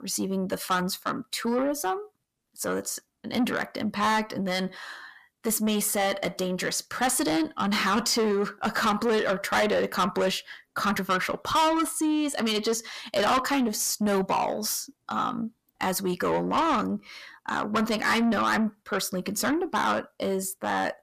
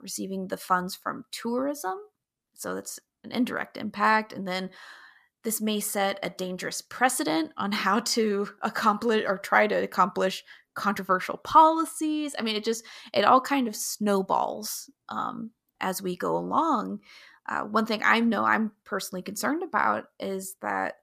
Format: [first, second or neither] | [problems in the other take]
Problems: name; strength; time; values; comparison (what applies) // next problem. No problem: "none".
second | distortion; heavy; 6 dB below the speech